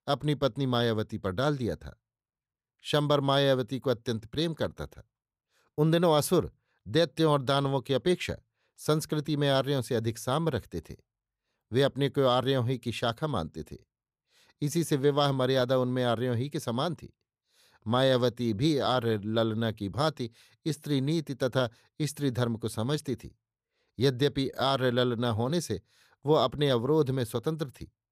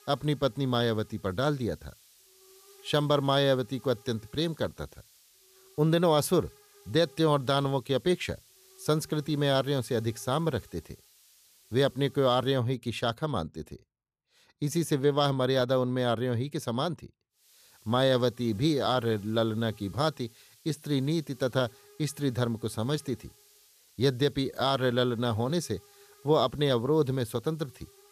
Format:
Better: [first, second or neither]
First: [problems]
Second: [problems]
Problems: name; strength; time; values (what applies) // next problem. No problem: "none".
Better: first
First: none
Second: hiss; faint; until 13 s and from 17 s on; 25 dB below the speech